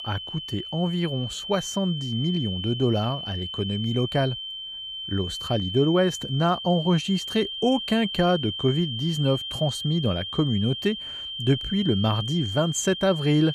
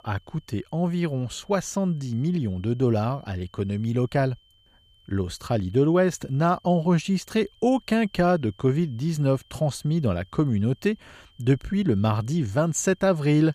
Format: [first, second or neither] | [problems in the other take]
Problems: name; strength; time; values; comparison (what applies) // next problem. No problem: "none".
second | high-pitched whine; loud; throughout; 3 kHz, 6 dB below the speech; faint in the second